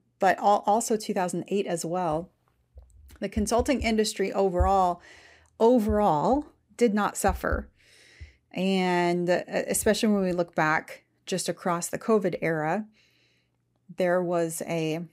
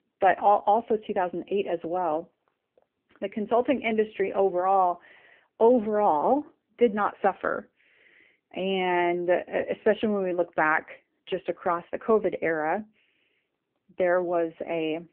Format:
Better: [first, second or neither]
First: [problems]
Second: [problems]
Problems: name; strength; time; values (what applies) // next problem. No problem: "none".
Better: first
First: none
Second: phone-call audio; poor line; nothing above 3 kHz